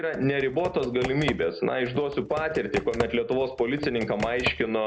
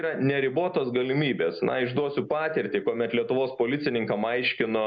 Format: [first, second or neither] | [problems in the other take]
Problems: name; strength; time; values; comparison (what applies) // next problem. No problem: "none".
second | background sound (Computer keyboard); 10 dB below the speech